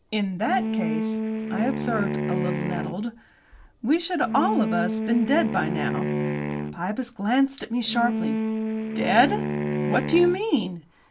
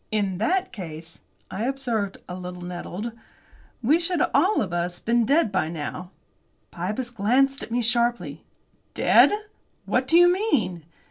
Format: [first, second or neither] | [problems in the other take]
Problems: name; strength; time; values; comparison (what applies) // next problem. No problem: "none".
second | background sound (Wind instrument, woodwind instrument); 2 dB below the speech